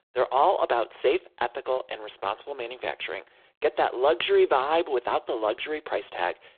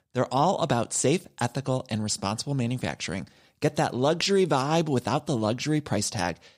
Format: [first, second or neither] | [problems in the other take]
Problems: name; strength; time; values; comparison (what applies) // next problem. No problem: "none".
second | phone-call audio; poor line